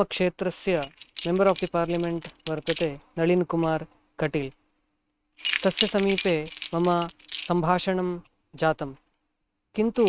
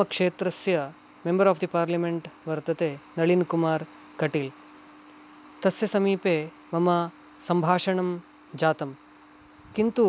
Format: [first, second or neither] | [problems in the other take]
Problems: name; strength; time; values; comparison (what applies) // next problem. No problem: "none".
second | noise reduction (neural mask model RNNoise)